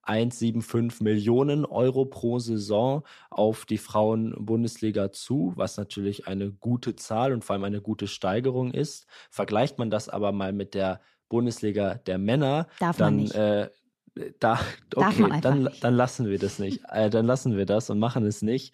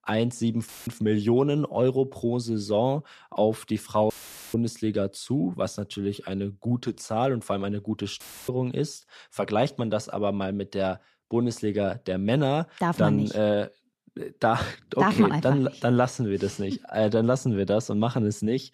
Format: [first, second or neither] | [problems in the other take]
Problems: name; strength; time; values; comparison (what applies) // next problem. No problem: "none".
first | audio cutting out; filled with static; at 0.5 s, at 4 s and at 8 s